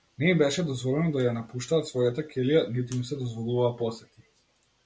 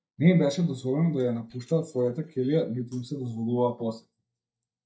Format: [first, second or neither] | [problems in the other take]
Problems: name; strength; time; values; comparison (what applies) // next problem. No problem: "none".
first | noise reduction (neural mask model DeepFilterNet 3)